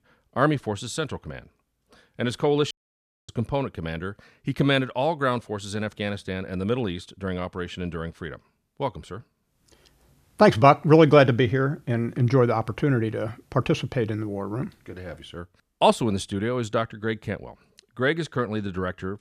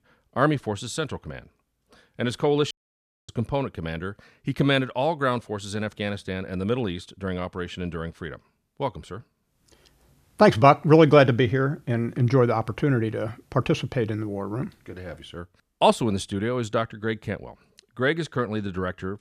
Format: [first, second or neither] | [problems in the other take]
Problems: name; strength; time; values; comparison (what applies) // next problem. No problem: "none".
neither | audio cutting out; at 2.5 s for 0.5 s; the same in both